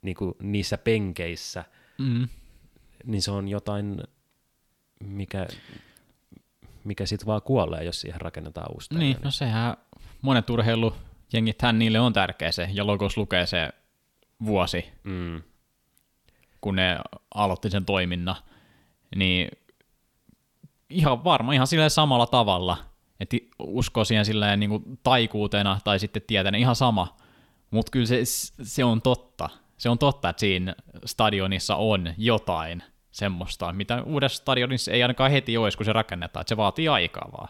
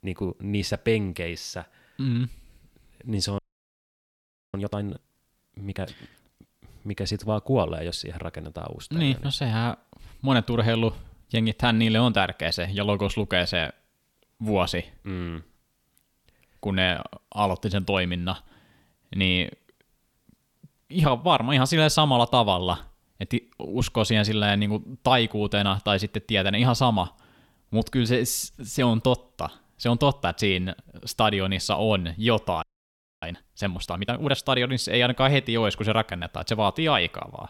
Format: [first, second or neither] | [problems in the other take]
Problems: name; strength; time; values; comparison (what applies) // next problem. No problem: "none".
first | audio freezing; at 3.5 s for 1 s and at 33 s for 0.5 s